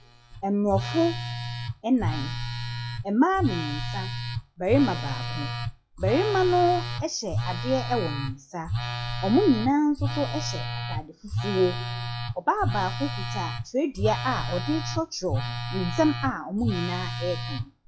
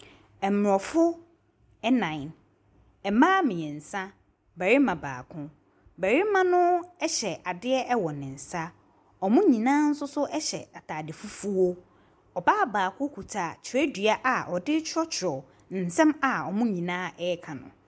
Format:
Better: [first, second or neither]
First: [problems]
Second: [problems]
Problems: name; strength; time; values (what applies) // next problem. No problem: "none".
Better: second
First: noise reduction (classical method WPE with log-MMSE)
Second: none